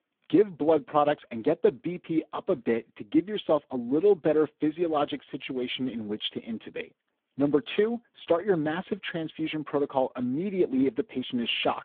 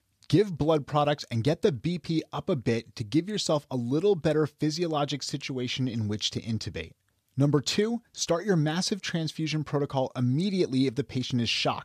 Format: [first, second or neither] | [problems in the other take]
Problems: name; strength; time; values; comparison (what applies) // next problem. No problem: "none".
second | phone-call audio; poor line; nothing above 3.5 kHz